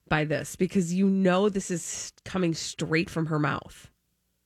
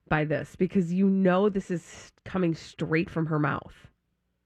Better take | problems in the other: first | muffled; slightly; fading above 3.5 kHz

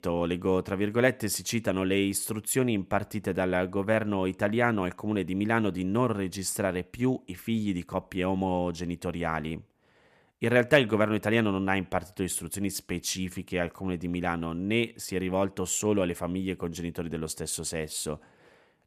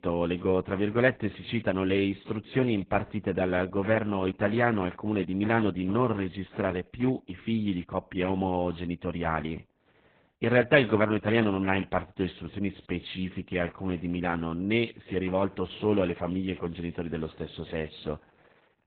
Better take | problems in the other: first | garbled, watery; badly; nothing above 4 kHz

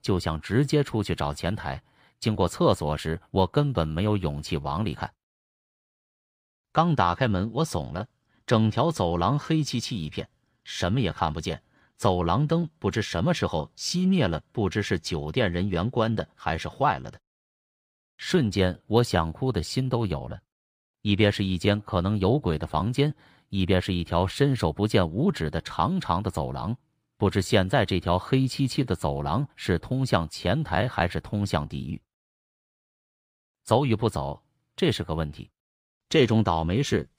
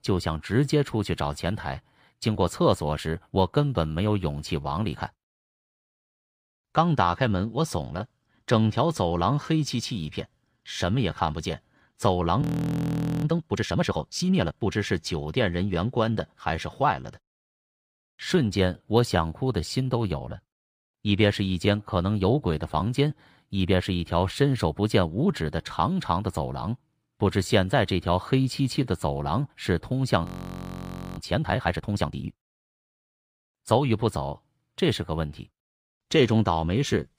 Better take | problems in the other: first | audio freezing; at 12 s for 1 s and at 30 s for 1 s

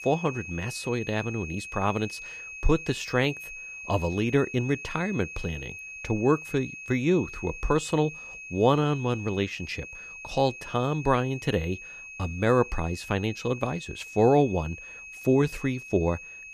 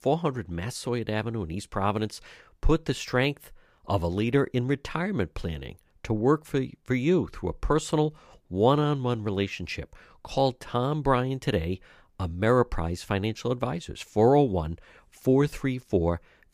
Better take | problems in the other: second | high-pitched whine; noticeable; throughout; 2.5 kHz, 10 dB below the speech

